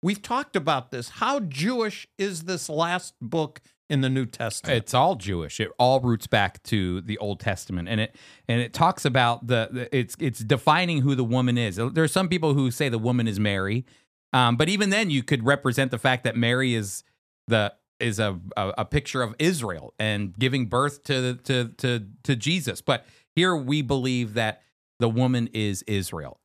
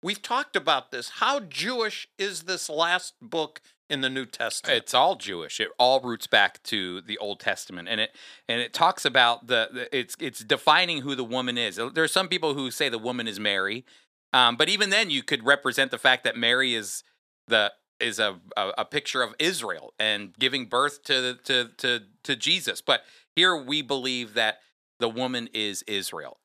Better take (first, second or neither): first